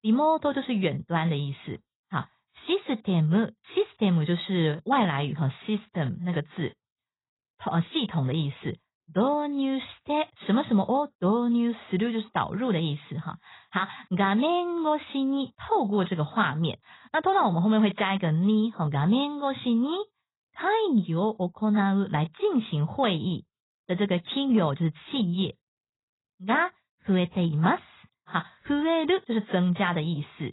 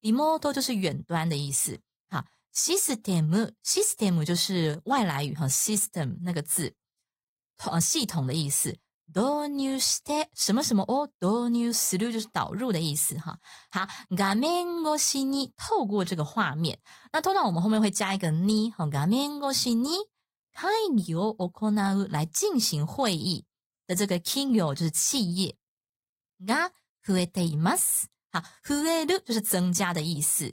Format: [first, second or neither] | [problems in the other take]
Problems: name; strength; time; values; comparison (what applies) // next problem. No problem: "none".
second | garbled, watery; badly; nothing above 4 kHz; slightly in the second